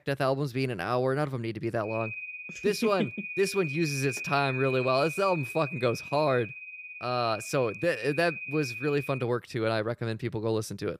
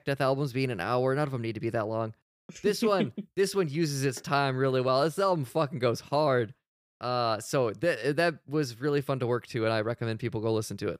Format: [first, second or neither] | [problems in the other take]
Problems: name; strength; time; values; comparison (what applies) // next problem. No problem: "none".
second | high-pitched whine; loud; from 2 to 9 s; 2.5 kHz, 8 dB below the speech